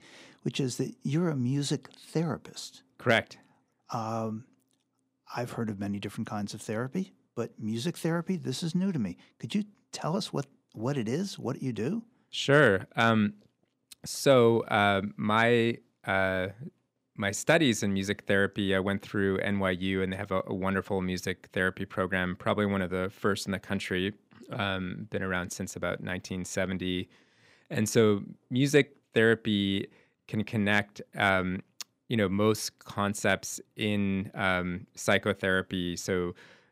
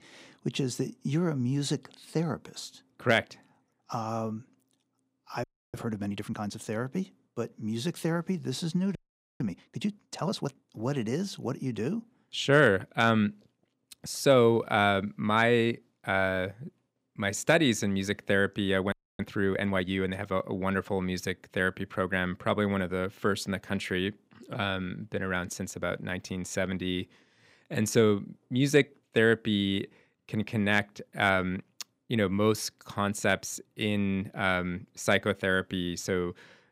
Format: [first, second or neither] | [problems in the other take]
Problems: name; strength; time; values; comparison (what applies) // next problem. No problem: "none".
first | audio freezing; at 5.5 s, at 9 s and at 19 s